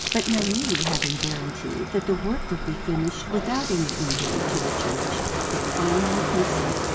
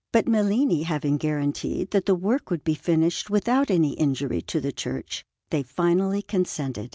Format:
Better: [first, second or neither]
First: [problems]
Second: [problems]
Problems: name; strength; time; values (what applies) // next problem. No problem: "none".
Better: second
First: background sound (Bathtub (filling or washing)); as loud as the speech // room echo; dies away in 0.2 s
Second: none